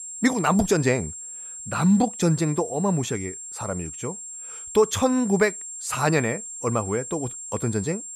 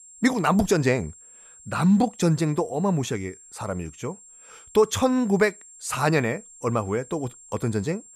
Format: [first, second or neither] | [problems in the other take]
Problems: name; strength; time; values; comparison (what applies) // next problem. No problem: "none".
second | high-pitched whine; loud; throughout; 7.5 kHz, 10 dB below the speech; faint in the second